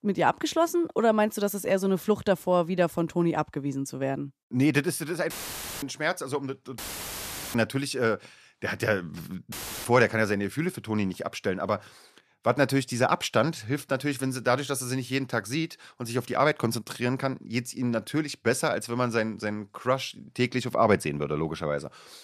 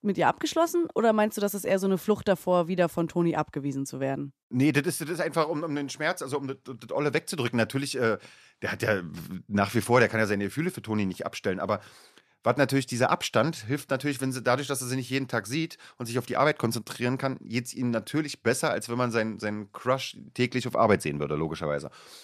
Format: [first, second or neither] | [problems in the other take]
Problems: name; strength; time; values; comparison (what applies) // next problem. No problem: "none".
second | audio cutting out; filled with static; at 5.5 s for 0.5 s, at 7 s for 1 s and at 9.5 s